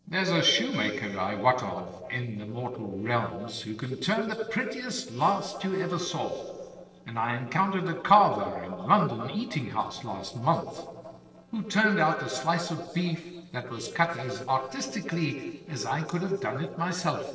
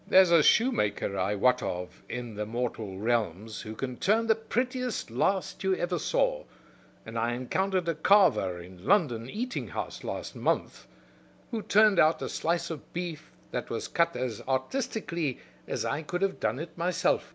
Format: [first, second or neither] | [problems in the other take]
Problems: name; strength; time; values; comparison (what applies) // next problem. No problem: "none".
second | noise reduction (neural separator model SepFormer DNS4)